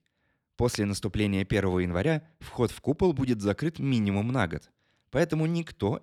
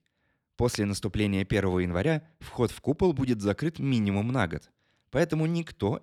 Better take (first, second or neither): neither